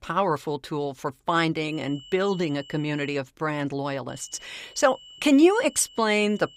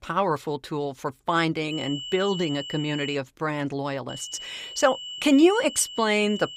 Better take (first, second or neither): first